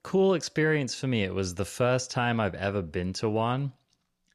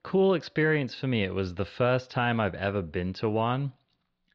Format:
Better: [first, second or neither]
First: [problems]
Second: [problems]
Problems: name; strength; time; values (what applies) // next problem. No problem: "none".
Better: first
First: none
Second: muffled; slightly; fading above 4 kHz